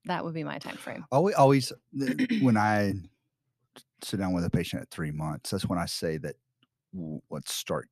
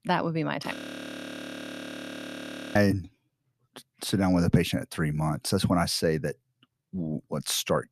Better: first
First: none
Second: audio freezing; at 1 s for 2 s

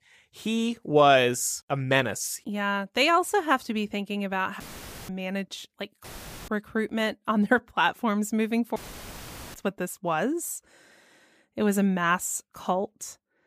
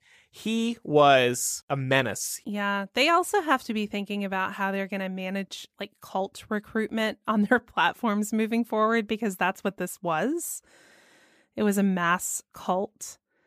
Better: second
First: audio cutting out; filled with static; at 4.5 s, at 6 s and at 9 s for 1 s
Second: none

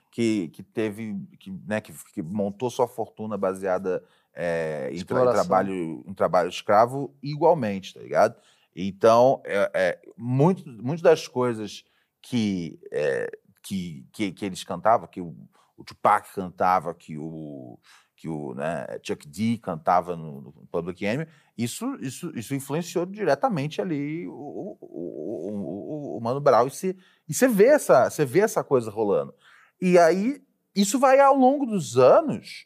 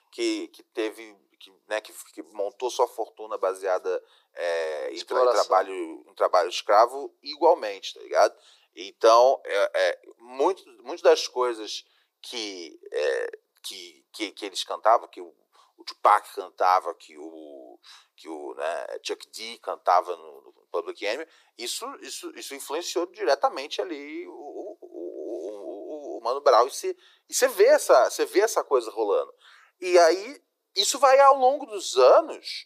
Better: first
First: none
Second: thin; very; fading below 350 Hz

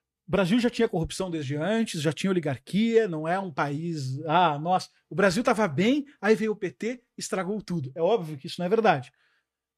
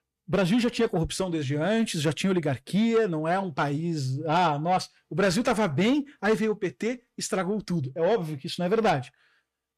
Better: first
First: none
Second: distortion; slight; 10 dB below the speech

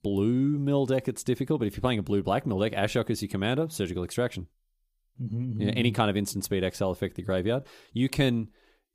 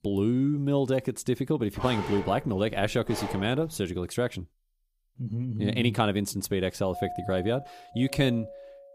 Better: first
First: none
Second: dog barking; noticeable; from 2 to 4 s; peak 7 dB below the speech // doorbell; noticeable; from 7 s on; peak 9 dB below the speech

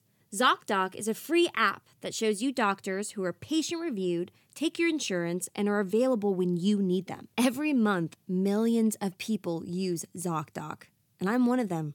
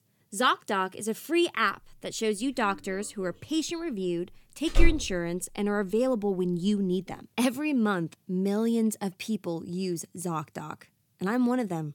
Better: first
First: none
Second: door banging; noticeable; at 5 s; peak level with the speech

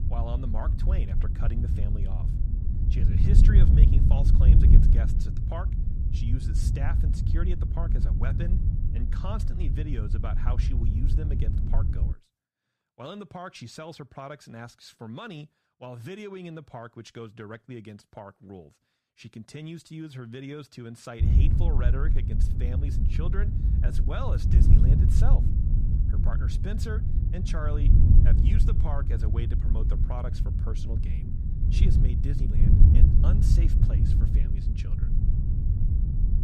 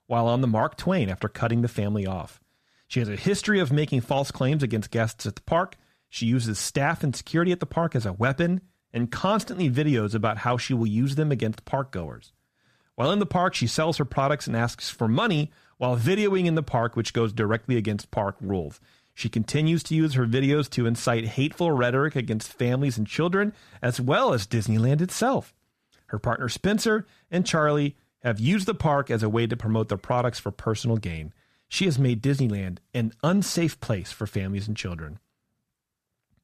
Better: second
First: wind noise on the microphone; heavy; until 12 s and from 21 s on; 1 dB above the speech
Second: none

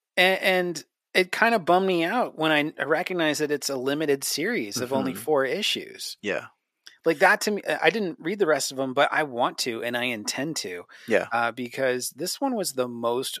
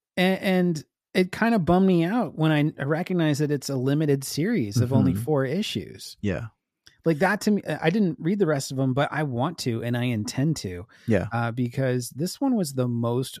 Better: second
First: thin; somewhat; fading below 450 Hz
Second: none

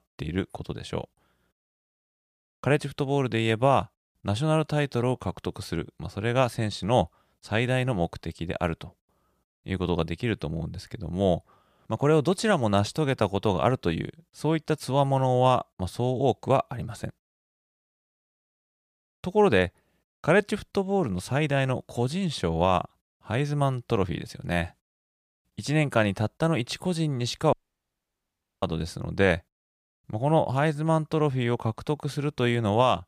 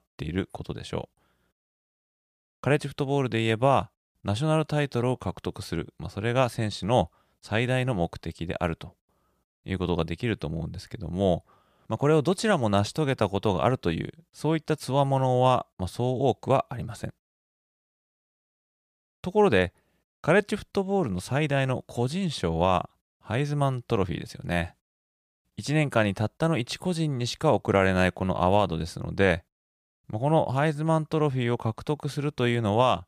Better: second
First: audio cutting out; at 28 s for 1 s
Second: none

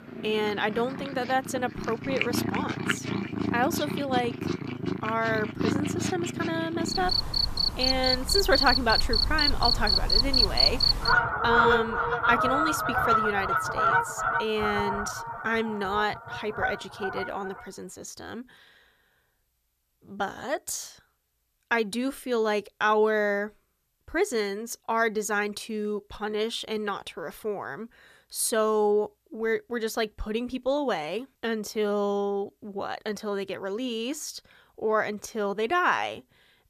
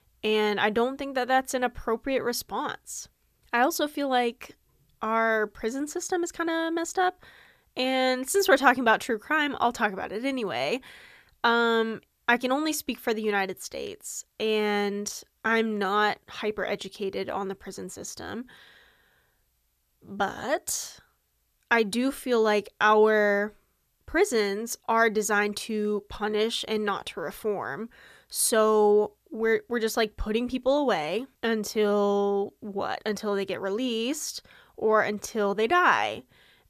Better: second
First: animal sounds; very loud; until 18 s; 3 dB above the speech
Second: none

